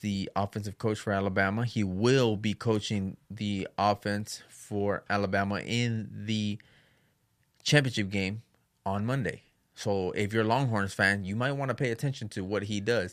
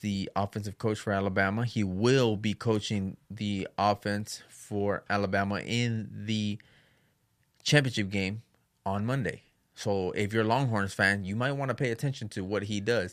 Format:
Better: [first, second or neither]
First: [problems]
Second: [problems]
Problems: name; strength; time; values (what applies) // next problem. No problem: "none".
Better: neither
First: none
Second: none